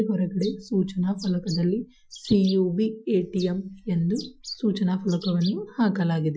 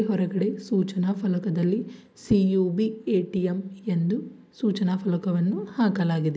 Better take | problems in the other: second | noise reduction (classical method Wiener filter)

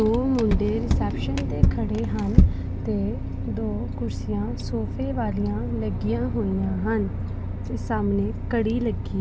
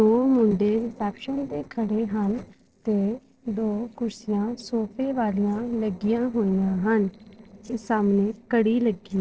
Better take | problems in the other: first | noise reduction (neural separator model SepFormer DNS4)

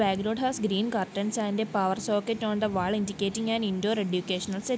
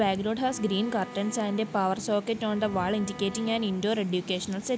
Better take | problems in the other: first | background sound (Bowed string instrument); 18 dB below the speech

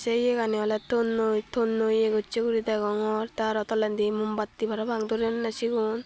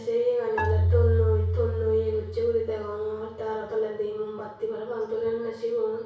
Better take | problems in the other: first | background sound (Marimba, xylophone); as loud as the speech // room echo; dies away in 0.6 s

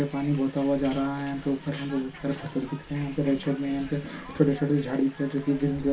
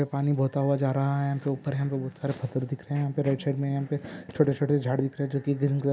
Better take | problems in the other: second | background sound (Hiss); 18 dB below the speech // room echo; dies away in 0.2 s

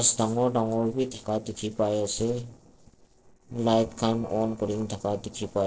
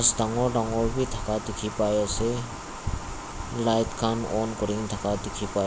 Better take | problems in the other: second | noise reduction (neural separator model SepFormer DNS4)

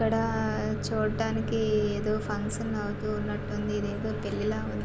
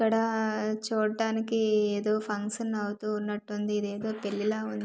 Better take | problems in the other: second | background sound (Microwave oven); 3 dB below the speech

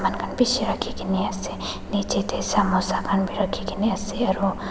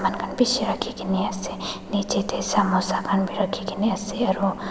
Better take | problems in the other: second | background sound (Motor vehicle (road)); 13 dB below the speech

